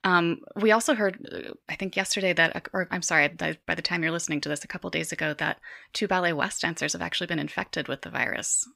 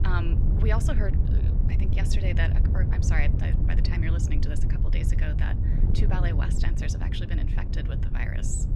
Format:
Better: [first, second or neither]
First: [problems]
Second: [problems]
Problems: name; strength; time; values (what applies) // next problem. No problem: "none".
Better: first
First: none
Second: wind noise on the microphone; heavy; 4 dB below the speech